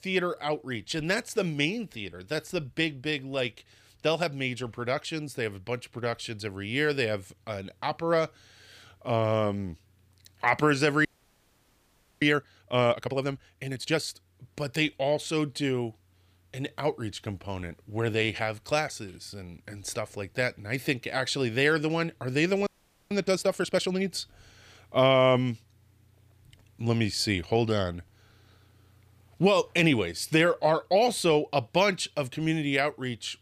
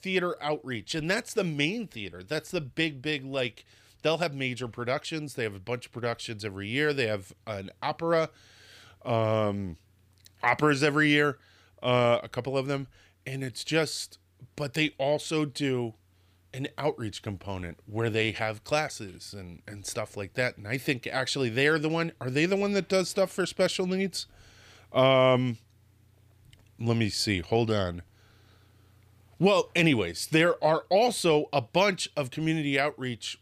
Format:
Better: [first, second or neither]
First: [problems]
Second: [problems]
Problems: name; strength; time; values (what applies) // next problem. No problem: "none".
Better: second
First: audio freezing; at 11 s for 1 s and at 23 s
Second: none